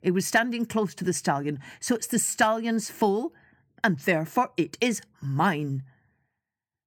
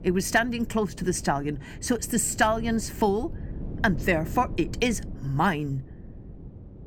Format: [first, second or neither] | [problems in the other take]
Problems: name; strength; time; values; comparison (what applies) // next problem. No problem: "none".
first | wind noise on the microphone; occasional gusts; 20 dB below the speech